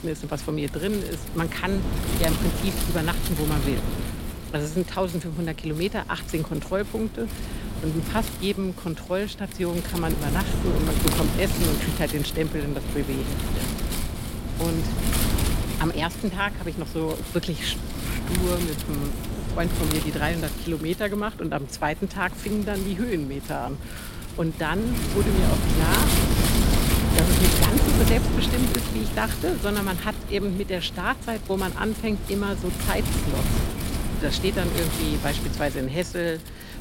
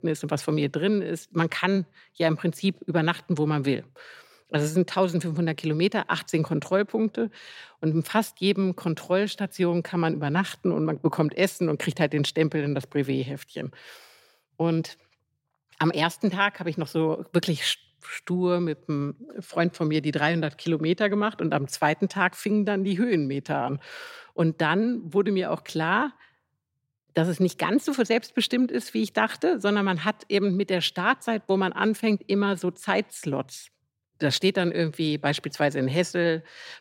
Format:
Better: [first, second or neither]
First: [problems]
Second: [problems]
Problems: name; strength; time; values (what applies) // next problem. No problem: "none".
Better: second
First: wind noise on the microphone; heavy; 2 dB below the speech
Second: none